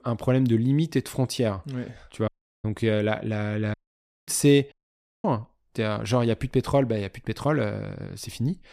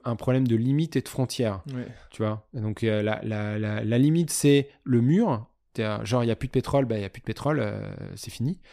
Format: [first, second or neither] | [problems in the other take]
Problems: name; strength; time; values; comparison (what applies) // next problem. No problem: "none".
second | audio cutting out; at 2.5 s, at 3.5 s for 0.5 s and at 4.5 s for 0.5 s